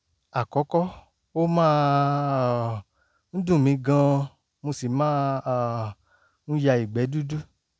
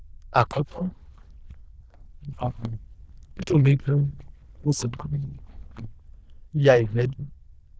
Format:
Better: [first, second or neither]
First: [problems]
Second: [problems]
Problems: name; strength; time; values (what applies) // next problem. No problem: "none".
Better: first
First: none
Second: noise reduction (neural diffusion model UNIVERSE++)